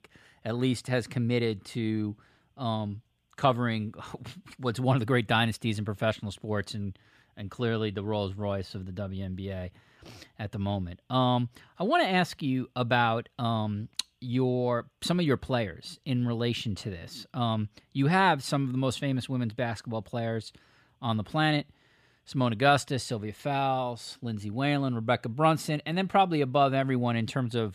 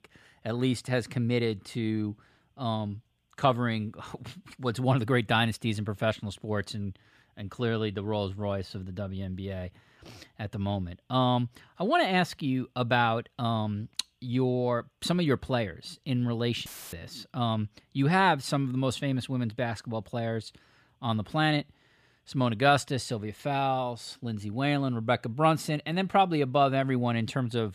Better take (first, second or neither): first